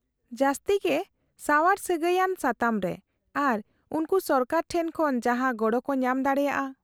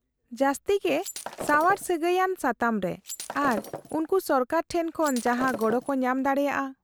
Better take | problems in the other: first | background sound (Shatter); 13 dB below the speech

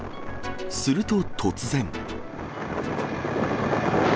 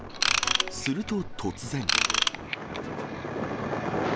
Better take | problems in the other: first | background sound (Ratchet, pawl / Tools); 3 dB above the speech

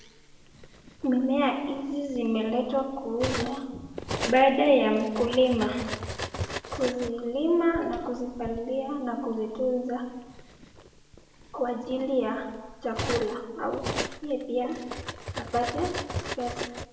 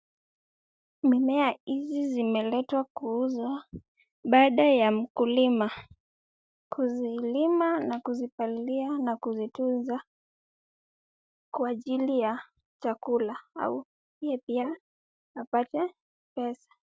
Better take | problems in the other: second | background sound (Cutlery, silverware); 10 dB below the speech // room echo; dies away in 1 s

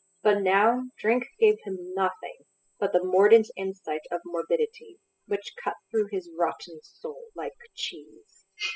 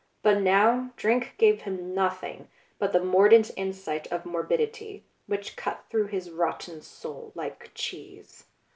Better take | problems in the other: second | noise reduction (classical method spectral subtraction)

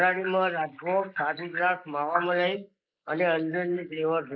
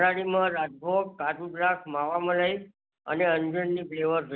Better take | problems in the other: second | noise reduction (neural mask model Resemble Enhance denoiser)

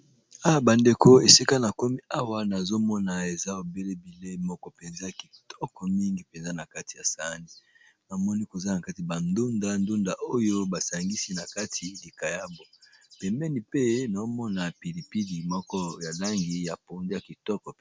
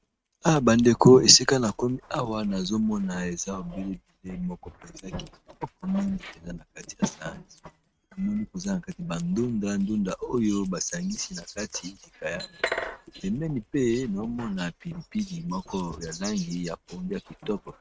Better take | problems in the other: first | noise reduction (neural mask model RNNoise)

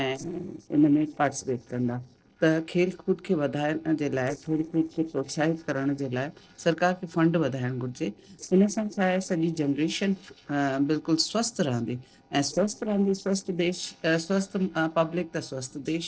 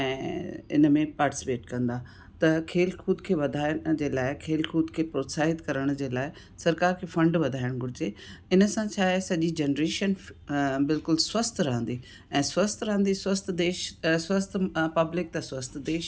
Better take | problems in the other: second | noise reduction (neural separator model SepFormer DNS4)

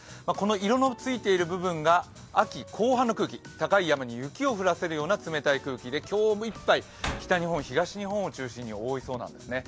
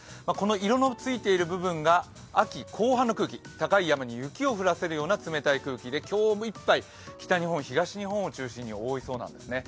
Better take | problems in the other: second | background sound (Slam); 15 dB below the speech

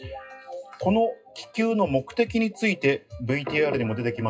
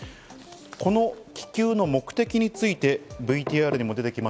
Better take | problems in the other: second | noise reduction (classical method WPE with log-MMSE)

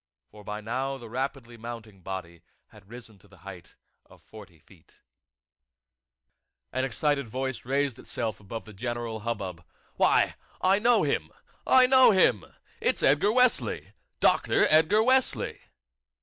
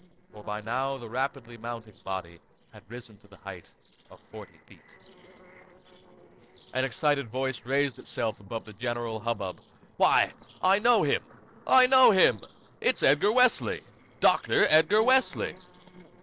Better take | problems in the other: first | noise reduction (neural separator model SepFormer DNS4)

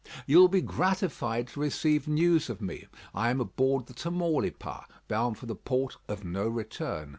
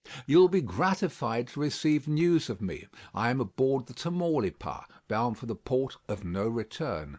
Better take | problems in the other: first | noise reduction (neural mask model Resemble Enhance denoiser)

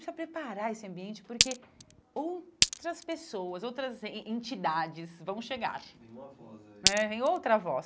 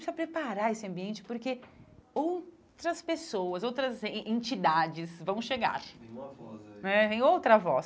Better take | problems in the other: second | background sound (Glass); 3 dB above the speech

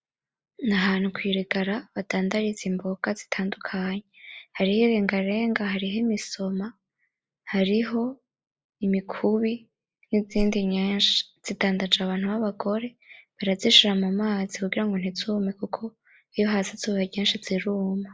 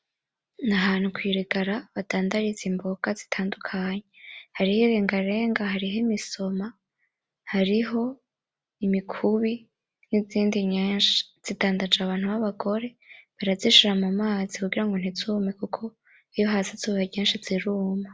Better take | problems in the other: second | noise reduction (neural mask model Resemble Enhance denoiser)

